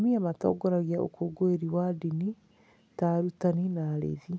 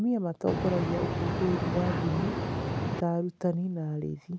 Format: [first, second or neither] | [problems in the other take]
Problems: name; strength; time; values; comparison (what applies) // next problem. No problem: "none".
first | background sound (Boat, Water vehicle); as loud as the speech